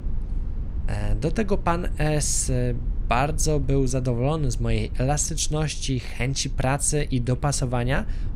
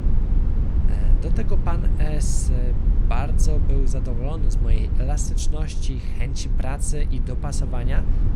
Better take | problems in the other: first | low rumble; loud; throughout; 5 dB below the speech; faint in the first

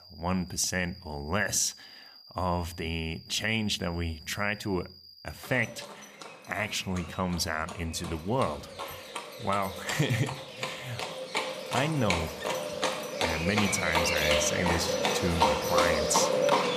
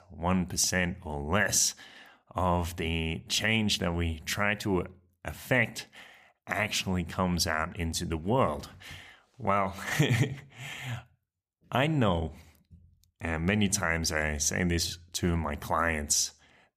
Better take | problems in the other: second | animal sounds; very loud; throughout; 1 dB above the speech

